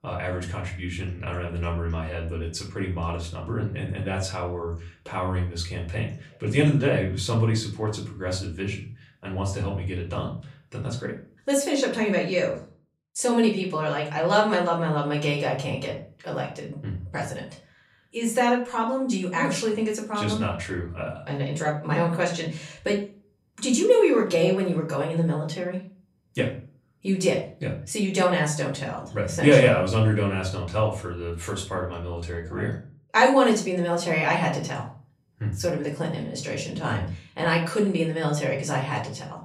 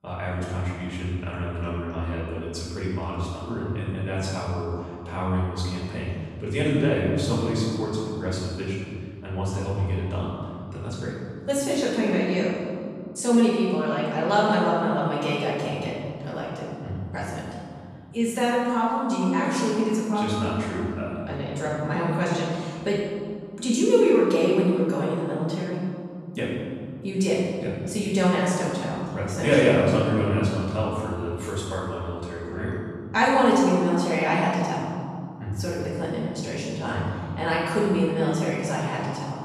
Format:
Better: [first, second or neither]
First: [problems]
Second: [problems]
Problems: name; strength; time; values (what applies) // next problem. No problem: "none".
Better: first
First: room echo; slight; dies away in 0.3 s // off-mic speech; far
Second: room echo; strong; dies away in 2.3 s // off-mic speech; far